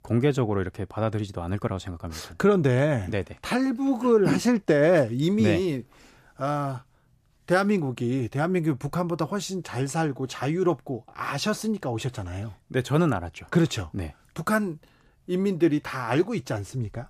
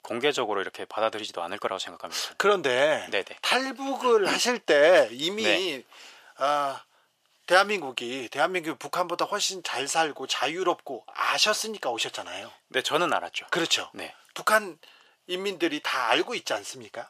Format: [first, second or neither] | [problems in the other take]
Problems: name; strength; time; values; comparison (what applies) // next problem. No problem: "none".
first | thin; very; fading below 650 Hz